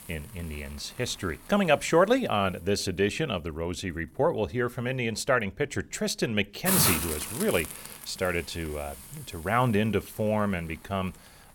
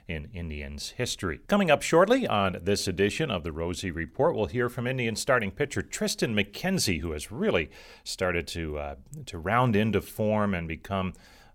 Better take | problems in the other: second | hiss; loud; throughout; 2 dB below the speech

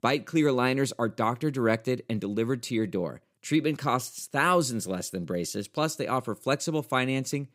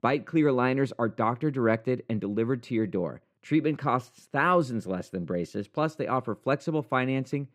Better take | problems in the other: first | muffled; slightly; fading above 4 kHz

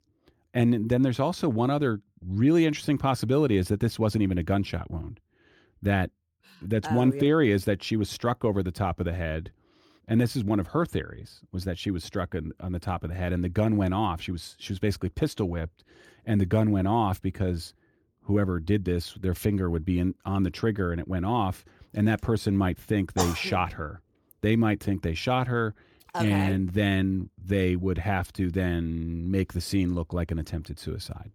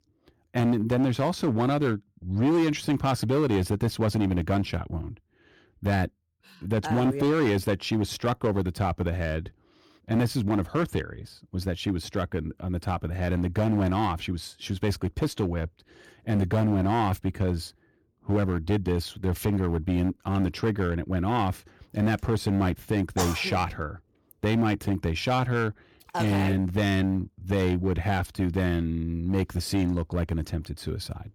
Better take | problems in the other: first | distortion; slight; 8% of the sound clipped

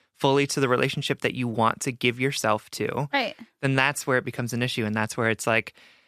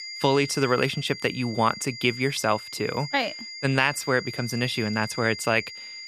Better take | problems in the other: first | high-pitched whine; noticeable; throughout; 5 kHz, 10 dB below the speech

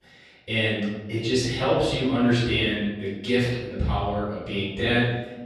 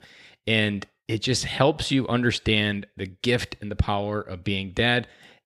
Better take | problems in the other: second | off-mic speech; far // room echo; strong; dies away in 1.1 s

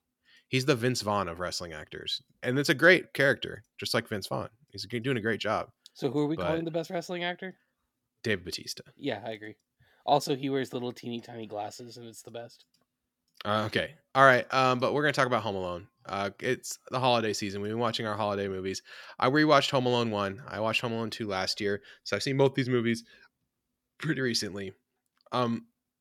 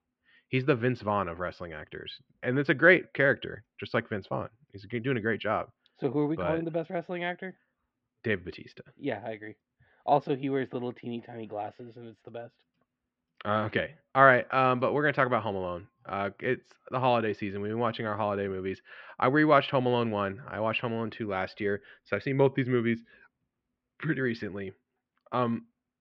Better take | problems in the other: first | muffled; very; fading above 2.5 kHz

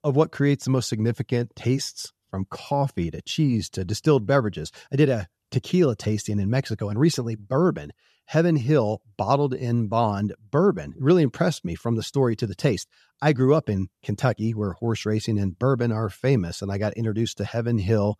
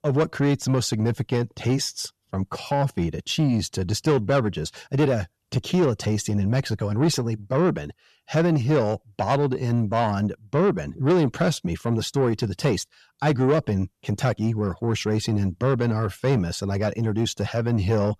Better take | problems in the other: first | distortion; slight; 10 dB below the speech

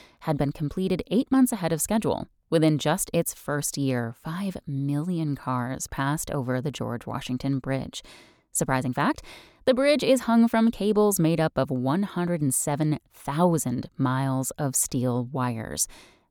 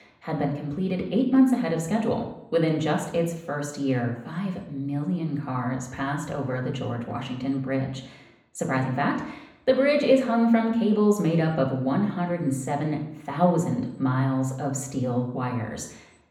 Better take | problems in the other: first | room echo; noticeable; dies away in 0.8 s // off-mic speech; far

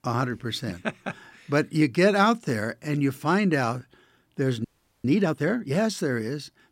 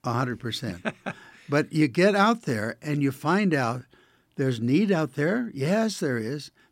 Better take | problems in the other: second | audio freezing; at 4.5 s

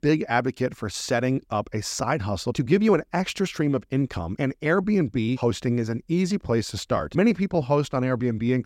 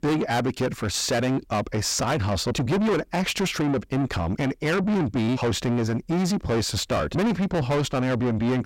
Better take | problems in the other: first | distortion; heavy; 6 dB below the speech

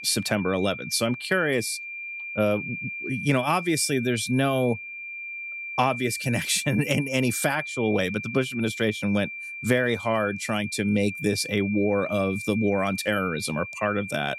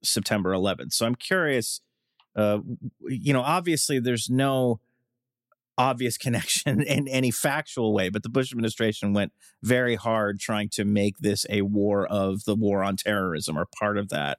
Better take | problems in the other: second | high-pitched whine; loud; throughout; 2.5 kHz, 8 dB below the speech

